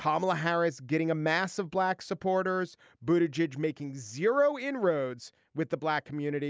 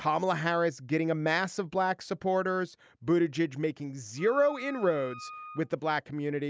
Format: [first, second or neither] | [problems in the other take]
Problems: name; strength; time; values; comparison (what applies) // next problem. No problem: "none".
first | background sound (Wind instrument, woodwind instrument); 18 dB below the speech